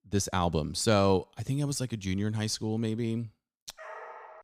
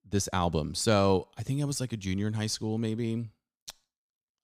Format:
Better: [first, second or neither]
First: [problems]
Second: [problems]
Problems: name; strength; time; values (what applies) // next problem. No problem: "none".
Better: second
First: dog barking; faint; at 4 s; peak 15 dB below the speech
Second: none